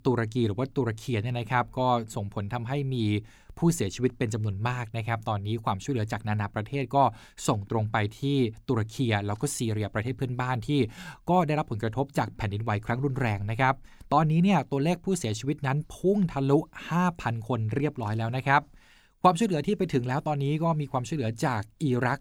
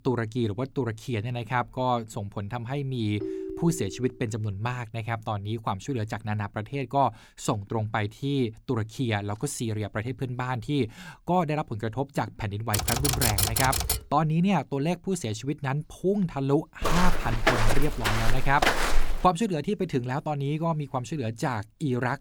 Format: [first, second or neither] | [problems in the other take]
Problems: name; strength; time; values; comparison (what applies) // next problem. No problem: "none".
first | phone ringing; noticeable; at 3 s; peak 5 dB below the speech // keyboard typing; loud; from 13 to 14 s; peak 5 dB above the speech // footsteps; loud; from 17 to 19 s; peak 5 dB above the speech